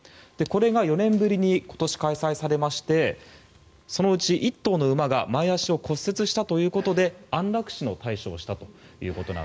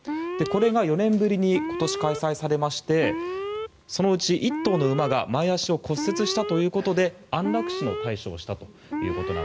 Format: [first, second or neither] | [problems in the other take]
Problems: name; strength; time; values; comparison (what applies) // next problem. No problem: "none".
first | background sound (Alarm); 8 dB below the speech